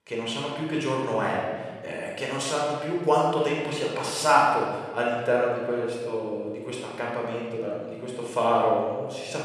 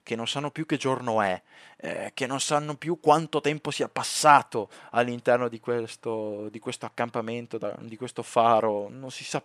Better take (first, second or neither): second